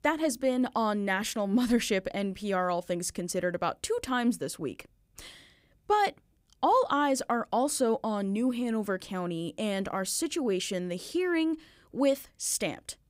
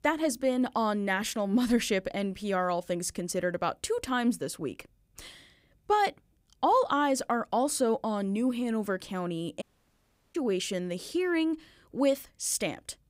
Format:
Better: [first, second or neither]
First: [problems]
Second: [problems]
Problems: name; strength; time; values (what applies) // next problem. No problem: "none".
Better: first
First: none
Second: audio cutting out; at 9.5 s for 0.5 s